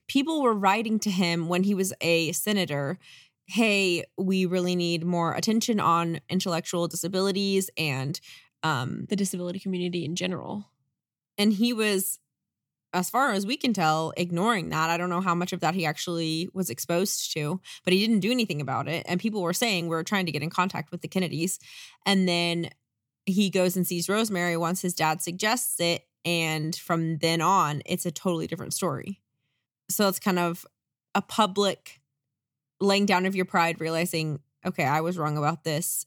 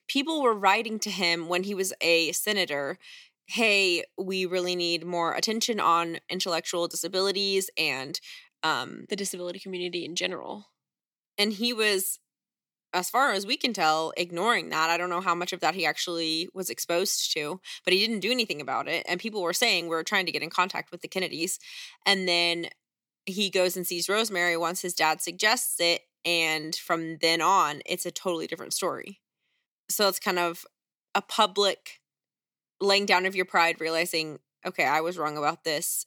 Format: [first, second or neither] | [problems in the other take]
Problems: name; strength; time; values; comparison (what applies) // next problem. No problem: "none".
first | thin; somewhat; fading below 400 Hz